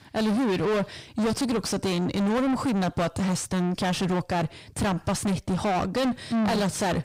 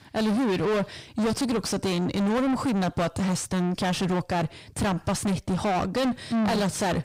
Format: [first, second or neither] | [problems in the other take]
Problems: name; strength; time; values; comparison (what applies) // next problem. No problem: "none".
neither | distortion; heavy; 5 dB below the speech; the same in both